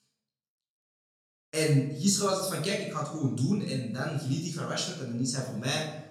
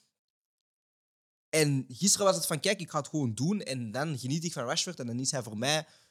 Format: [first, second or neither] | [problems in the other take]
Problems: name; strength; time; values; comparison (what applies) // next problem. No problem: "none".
second | off-mic speech; far // room echo; noticeable; dies away in 0.7 s